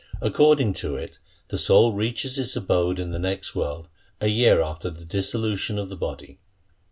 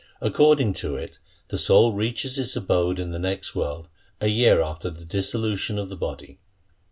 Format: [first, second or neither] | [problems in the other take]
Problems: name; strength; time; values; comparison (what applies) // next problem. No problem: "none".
second | background sound (Bass drum); 18 dB below the speech